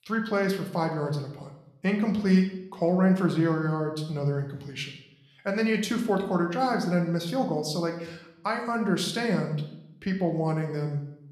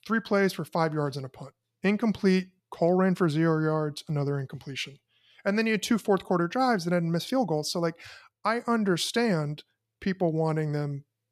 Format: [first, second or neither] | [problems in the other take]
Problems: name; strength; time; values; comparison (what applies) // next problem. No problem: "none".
second | room echo; slight; dies away in 0.6 s